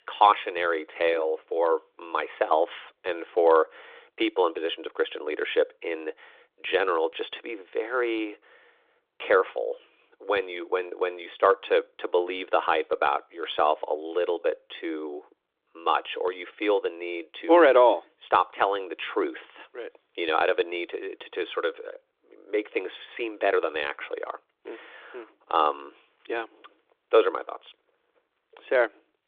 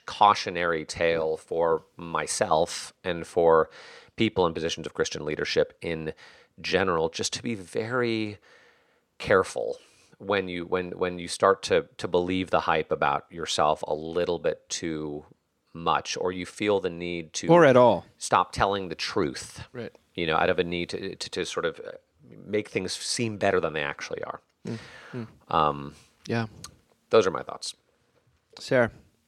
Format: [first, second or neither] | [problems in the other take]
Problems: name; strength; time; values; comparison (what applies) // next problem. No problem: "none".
second | phone-call audio; nothing above 3.5 kHz